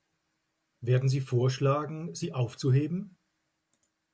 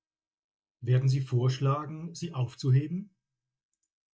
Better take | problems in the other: first | noise reduction (neural mask model DeepFilterNet 3)

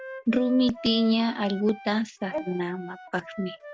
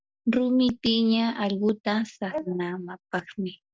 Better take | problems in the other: second | background sound (Wind instrument, woodwind instrument); 15 dB below the speech

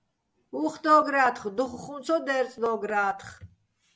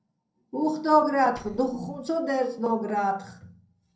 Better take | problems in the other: first | noise reduction (neural separator model SepFormer DNS4)

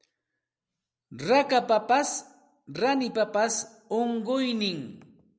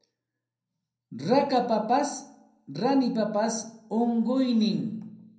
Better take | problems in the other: first | room echo; dies away in 0.6 s

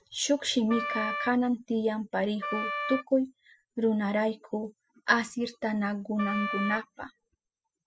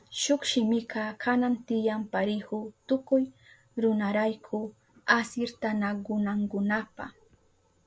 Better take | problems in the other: second | noise reduction (classical method spectral subtraction)

